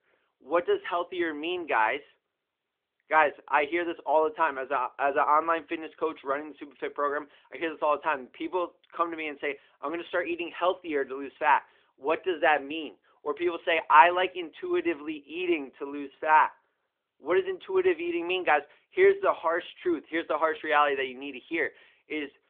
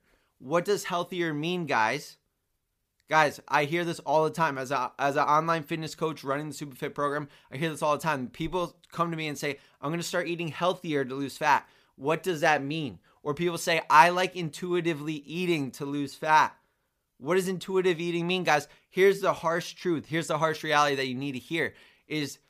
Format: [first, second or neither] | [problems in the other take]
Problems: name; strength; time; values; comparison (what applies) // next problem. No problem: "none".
second | phone-call audio